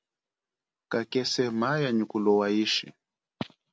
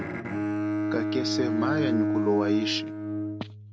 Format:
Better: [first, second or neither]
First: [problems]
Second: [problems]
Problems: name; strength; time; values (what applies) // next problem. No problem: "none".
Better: first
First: none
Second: background sound (Bowed string instrument); 3 dB above the speech